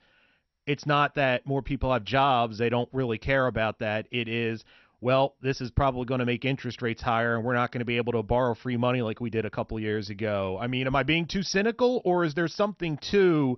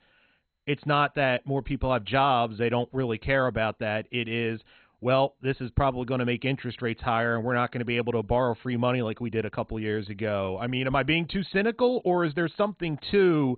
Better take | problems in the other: first | garbled, watery; badly; nothing above 4 kHz; slightly in the first

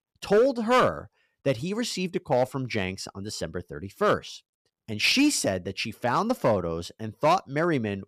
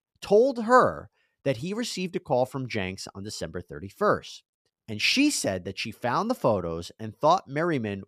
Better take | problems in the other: second | distortion; slight; 3% of the sound clipped

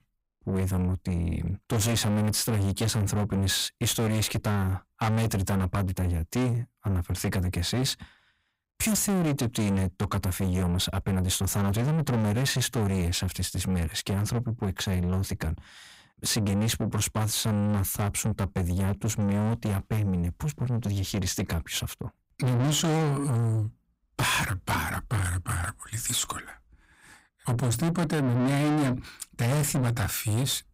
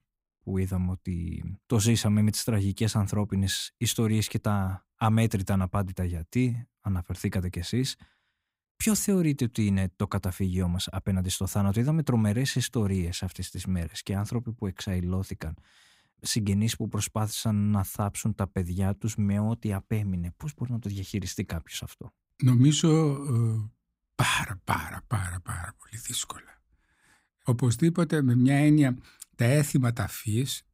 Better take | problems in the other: second | distortion; heavy; 6 dB below the speech

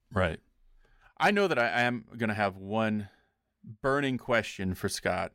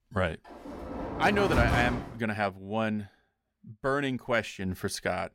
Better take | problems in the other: first | door banging; loud; from 0.5 to 2 s; peak 2 dB above the speech

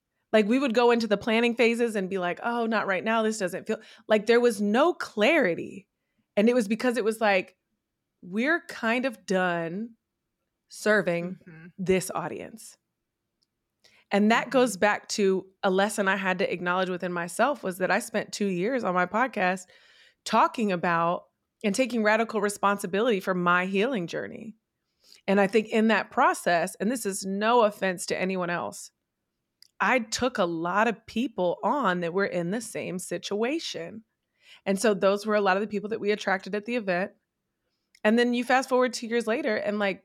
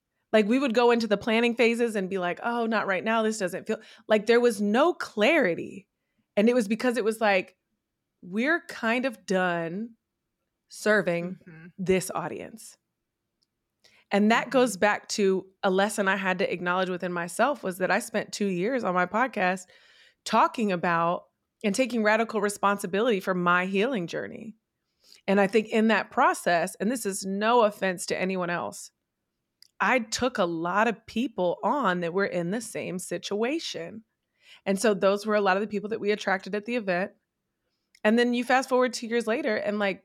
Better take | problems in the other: neither | none

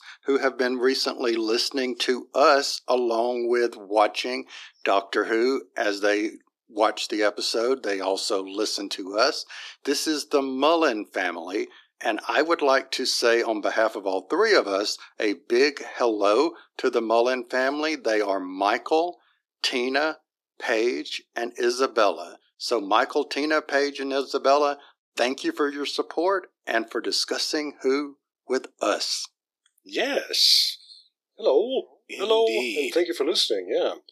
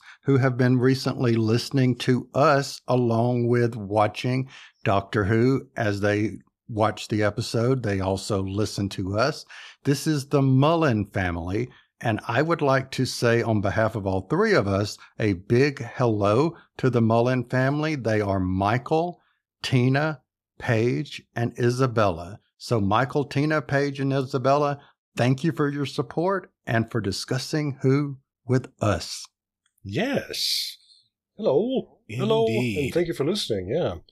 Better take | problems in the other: second | thin; somewhat; fading below 300 Hz

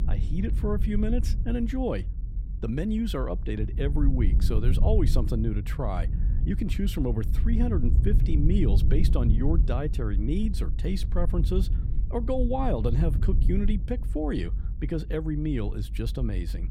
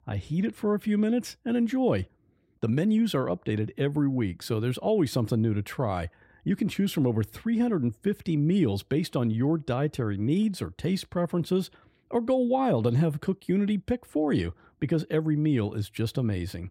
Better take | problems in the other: second | low rumble; noticeable; throughout; 10 dB below the speech

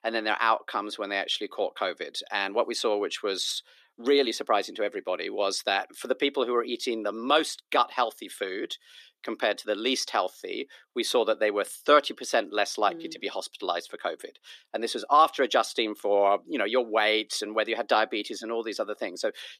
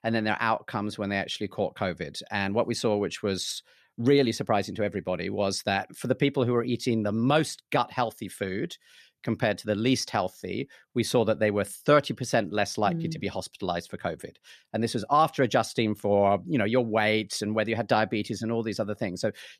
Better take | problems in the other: second | thin; somewhat; fading below 300 Hz

